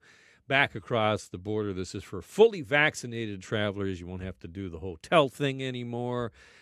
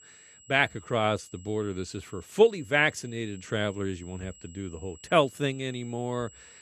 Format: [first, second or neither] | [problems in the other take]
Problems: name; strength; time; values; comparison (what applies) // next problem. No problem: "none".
first | high-pitched whine; faint; throughout; 7.5 kHz, 25 dB below the speech